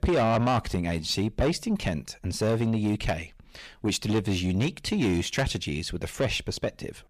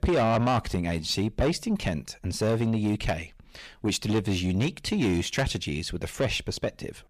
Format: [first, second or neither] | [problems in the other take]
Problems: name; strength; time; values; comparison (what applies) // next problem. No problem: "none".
neither | distortion; heavy; 7 dB below the speech; the same in both